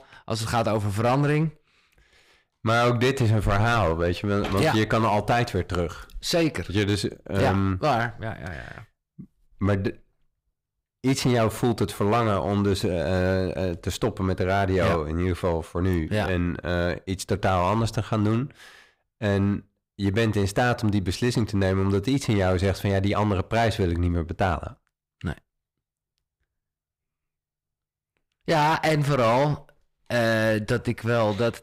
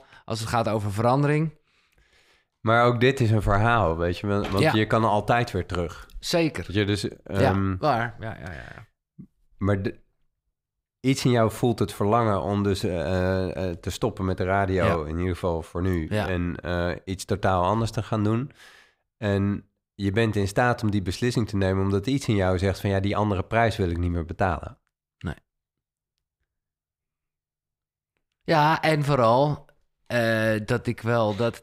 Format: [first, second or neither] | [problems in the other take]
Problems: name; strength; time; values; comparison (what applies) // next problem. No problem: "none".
second | distortion; slight; 6% of the sound clipped